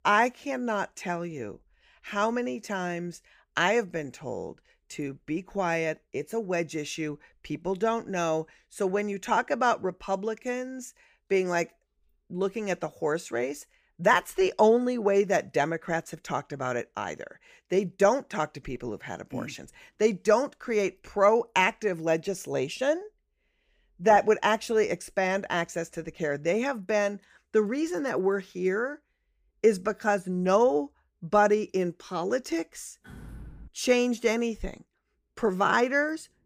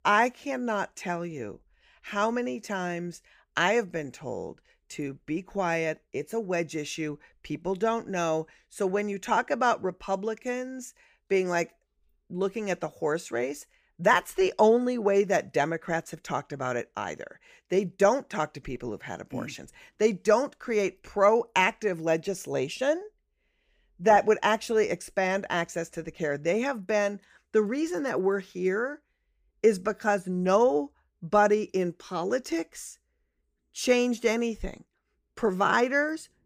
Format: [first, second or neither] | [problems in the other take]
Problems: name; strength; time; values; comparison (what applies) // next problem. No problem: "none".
second | door banging; faint; at 33 s; peak 20 dB below the speech